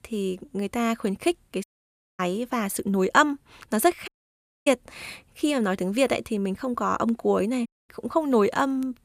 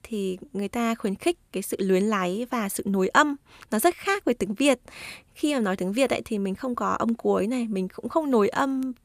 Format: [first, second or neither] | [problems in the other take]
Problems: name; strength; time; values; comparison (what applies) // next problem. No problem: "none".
second | audio cutting out; at 1.5 s for 0.5 s, at 4 s for 0.5 s and at 7.5 s